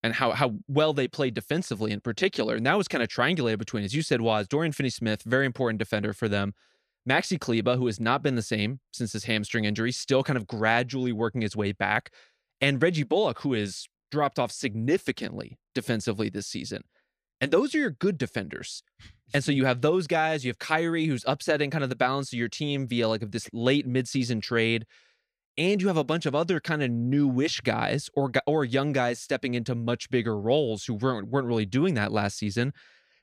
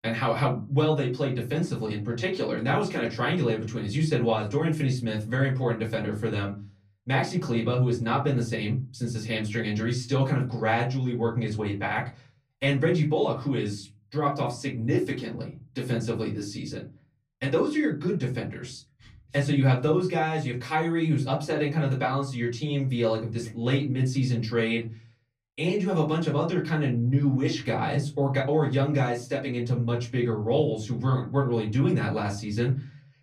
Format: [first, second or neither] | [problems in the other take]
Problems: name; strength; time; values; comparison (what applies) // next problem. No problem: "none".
first | off-mic speech; far // room echo; very slight; dies away in 0.4 s